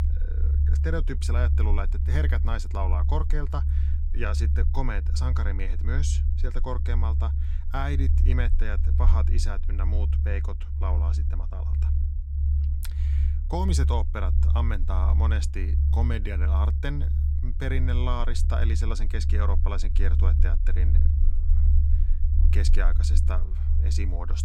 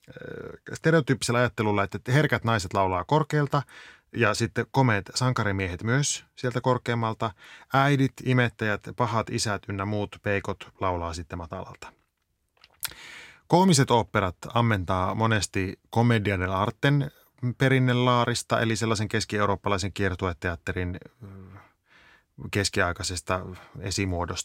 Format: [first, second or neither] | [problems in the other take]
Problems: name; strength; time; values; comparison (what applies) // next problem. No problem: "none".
second | low rumble; loud; throughout; 8 dB below the speech